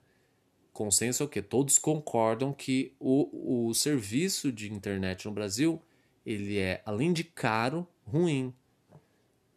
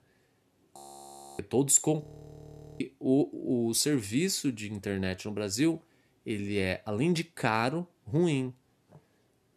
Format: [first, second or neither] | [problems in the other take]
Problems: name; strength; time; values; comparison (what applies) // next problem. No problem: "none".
first | audio freezing; at 1 s for 0.5 s and at 2 s for 1 s